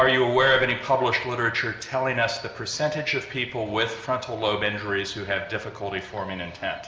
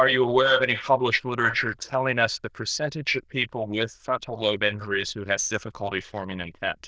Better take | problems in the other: first | noise reduction (neural diffusion model UNIVERSE++)

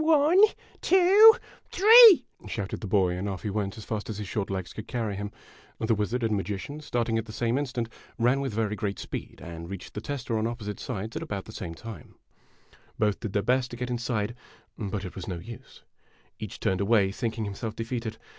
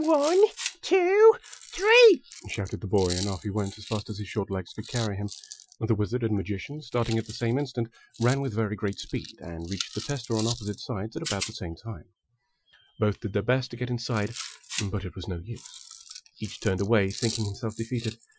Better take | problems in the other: first | noise reduction (classical method Wiener filter)

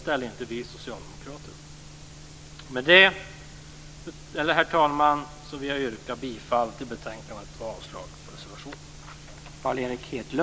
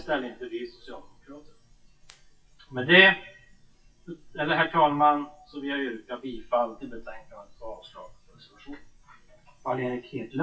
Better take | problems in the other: first | noise reduction (classical method WPE with log-MMSE)

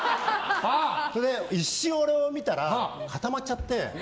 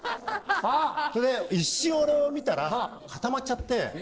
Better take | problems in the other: first | noise reduction (neural separator model SepFormer DNS4)

